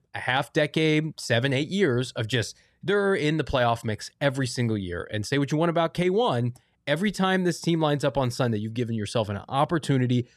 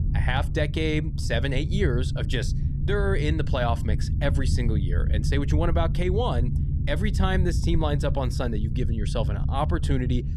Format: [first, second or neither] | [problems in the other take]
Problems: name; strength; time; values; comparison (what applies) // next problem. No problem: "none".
first | low rumble; noticeable; throughout; 10 dB below the speech